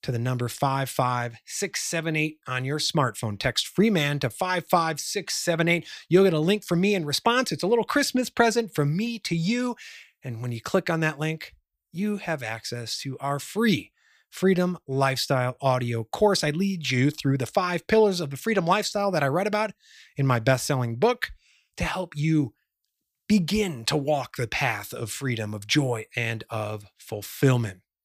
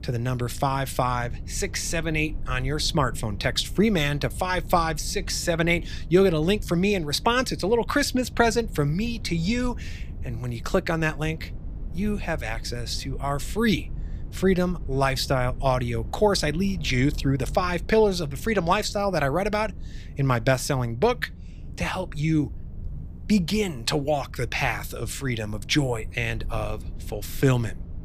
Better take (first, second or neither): first